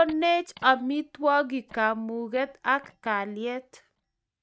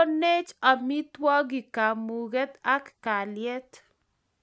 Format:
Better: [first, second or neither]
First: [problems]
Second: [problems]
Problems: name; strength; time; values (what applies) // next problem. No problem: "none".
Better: second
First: noise reduction (neural mask model DeepFilterNet 3)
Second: none